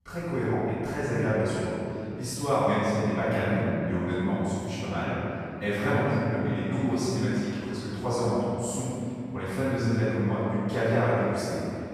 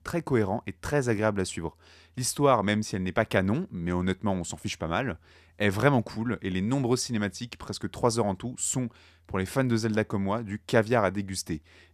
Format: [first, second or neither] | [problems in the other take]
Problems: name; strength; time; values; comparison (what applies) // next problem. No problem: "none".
second | off-mic speech; far // room echo; strong; dies away in 2.8 s